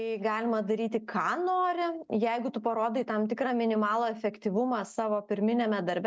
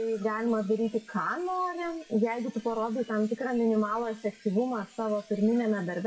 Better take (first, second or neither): first